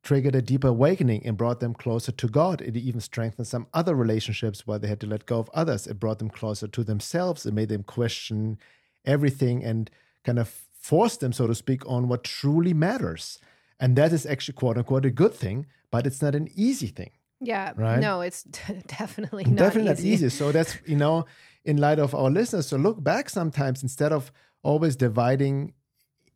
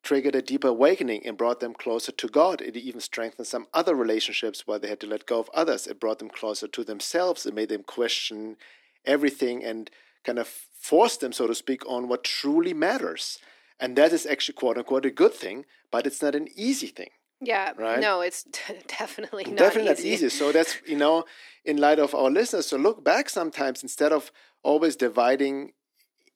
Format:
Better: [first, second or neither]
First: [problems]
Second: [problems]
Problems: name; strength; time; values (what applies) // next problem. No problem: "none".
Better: first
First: none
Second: thin; somewhat; fading below 300 Hz